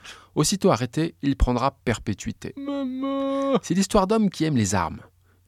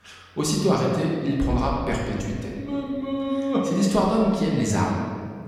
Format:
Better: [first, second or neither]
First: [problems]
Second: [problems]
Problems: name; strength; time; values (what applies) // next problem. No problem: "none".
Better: first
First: none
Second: room echo; noticeable; dies away in 1.9 s // off-mic speech; far